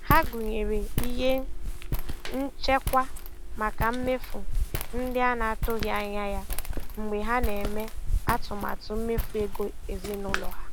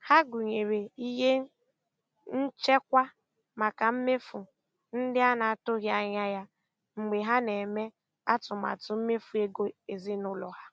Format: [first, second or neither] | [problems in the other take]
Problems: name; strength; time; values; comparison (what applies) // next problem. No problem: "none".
second | background sound (Walk, footsteps); 2 dB above the speech